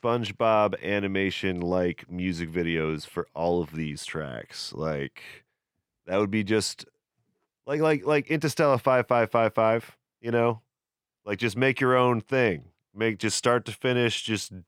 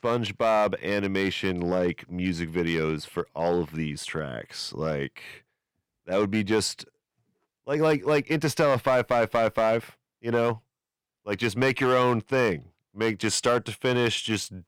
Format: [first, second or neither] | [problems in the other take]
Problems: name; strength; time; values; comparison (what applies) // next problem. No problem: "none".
first | distortion; slight; 3% of the sound clipped